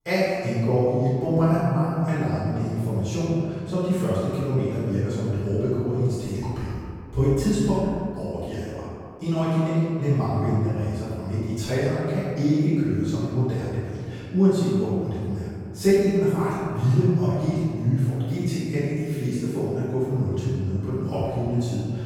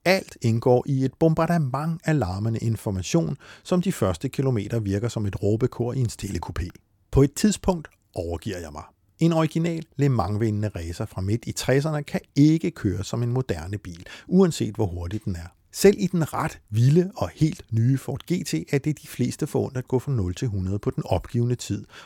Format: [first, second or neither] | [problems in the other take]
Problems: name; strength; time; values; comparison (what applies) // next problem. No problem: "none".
second | off-mic speech; far // room echo; strong; dies away in 2.2 s